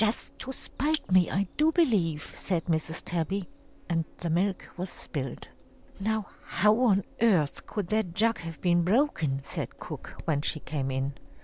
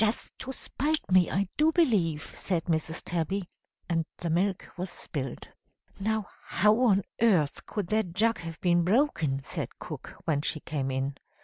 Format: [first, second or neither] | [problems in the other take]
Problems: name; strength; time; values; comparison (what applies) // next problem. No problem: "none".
second | background sound (Cricket); 18 dB below the speech